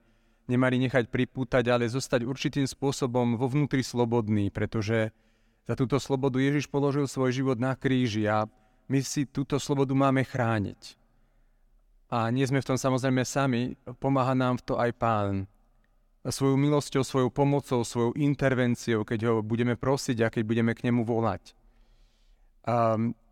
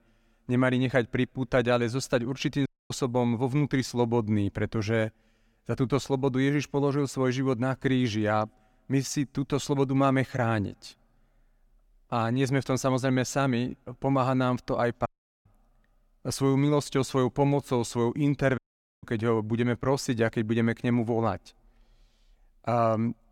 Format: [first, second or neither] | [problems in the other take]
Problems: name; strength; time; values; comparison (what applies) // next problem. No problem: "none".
first | audio cutting out; at 2.5 s, at 15 s and at 19 s